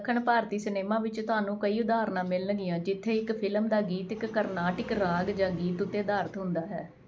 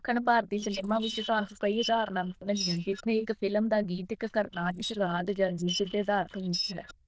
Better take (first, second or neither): first